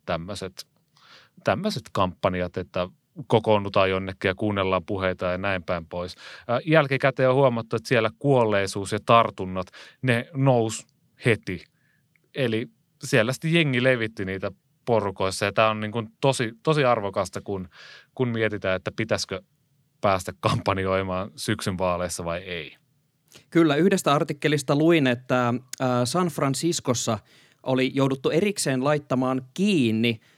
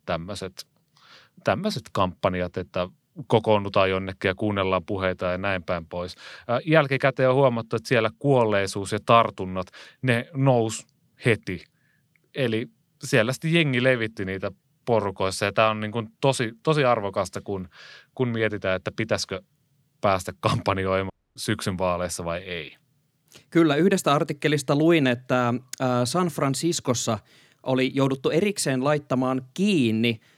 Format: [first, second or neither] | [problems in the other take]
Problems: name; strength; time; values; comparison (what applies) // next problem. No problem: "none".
first | audio cutting out; at 21 s